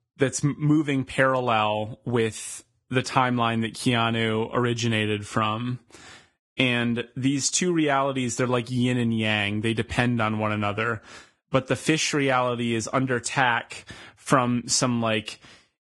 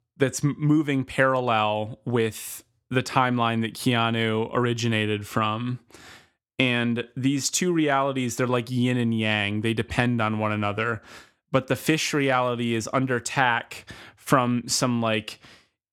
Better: second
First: garbled, watery; badly; nothing above 10.5 kHz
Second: none

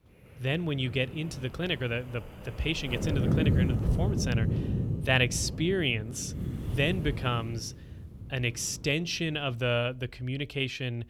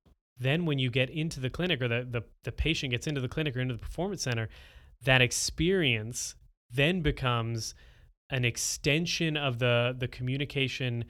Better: second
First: wind noise on the microphone; heavy; 9 dB below the speech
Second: none

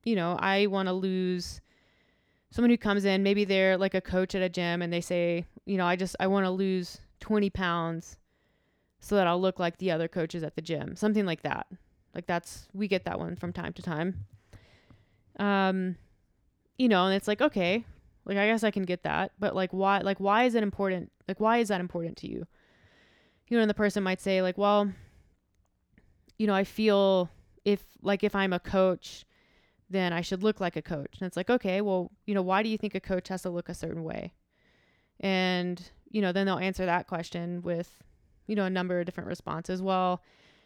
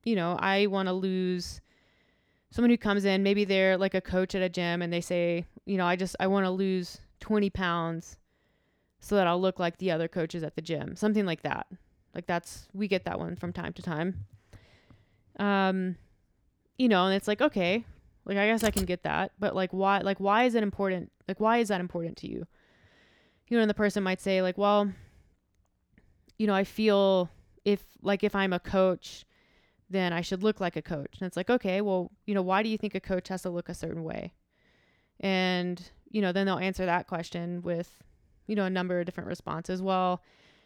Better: first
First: none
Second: keyboard typing; noticeable; at 19 s; peak 6 dB below the speech

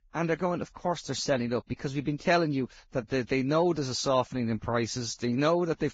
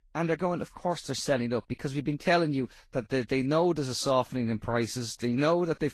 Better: second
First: garbled, watery; badly; nothing above 7.5 kHz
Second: garbled, watery; slightly; nothing above 12.5 kHz

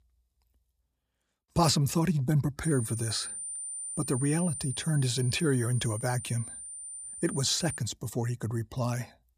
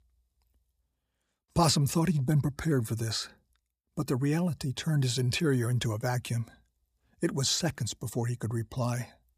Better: second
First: high-pitched whine; loud; from 2.5 to 8 s; 9 kHz, 8 dB below the speech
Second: none

